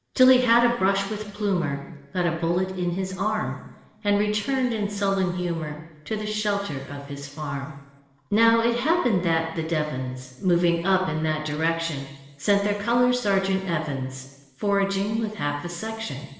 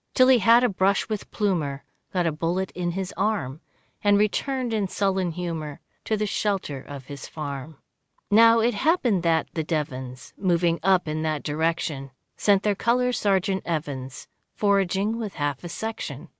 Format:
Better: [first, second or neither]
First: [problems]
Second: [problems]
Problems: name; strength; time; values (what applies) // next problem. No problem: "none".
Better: second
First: room echo; dies away in 1.3 s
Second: none